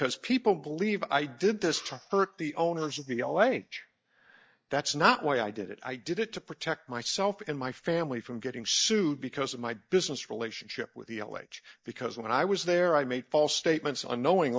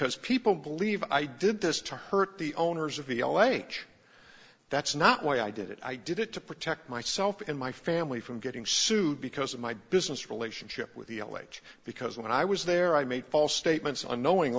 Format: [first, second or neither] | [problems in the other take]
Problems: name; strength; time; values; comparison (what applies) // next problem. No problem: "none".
second | noise reduction (neural mask model DeepFilterNet 3)